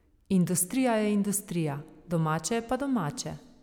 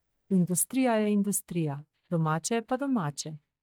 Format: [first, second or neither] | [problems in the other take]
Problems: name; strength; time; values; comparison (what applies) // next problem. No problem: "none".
first | noise reduction (neural mask model DeepFilterNet 3)